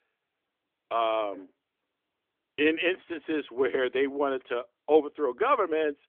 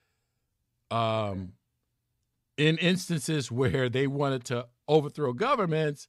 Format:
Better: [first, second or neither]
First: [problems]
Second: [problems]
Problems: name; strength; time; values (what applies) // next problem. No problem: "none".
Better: second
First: phone-call audio; nothing above 3.5 kHz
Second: none